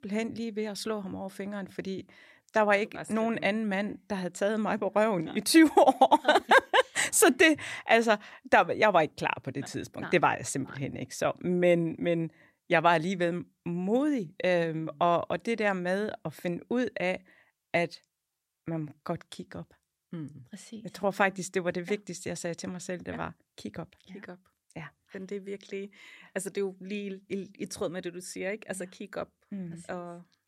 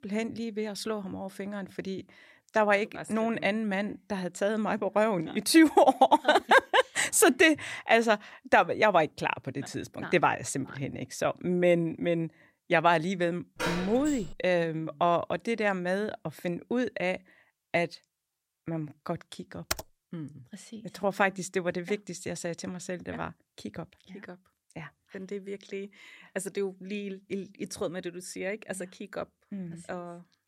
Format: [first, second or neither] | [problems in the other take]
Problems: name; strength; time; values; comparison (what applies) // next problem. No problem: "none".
first | door banging; noticeable; at 14 s; peak 5 dB below the speech // keyboard typing; noticeable; at 20 s; peak 7 dB below the speech